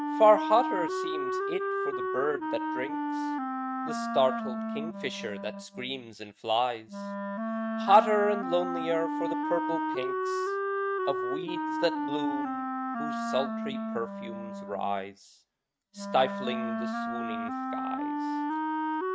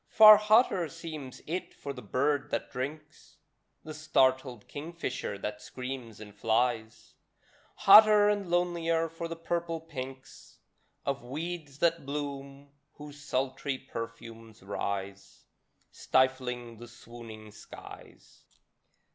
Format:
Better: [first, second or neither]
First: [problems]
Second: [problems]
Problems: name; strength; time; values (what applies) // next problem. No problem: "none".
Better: second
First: noise reduction (neural mask model RNNoise)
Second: none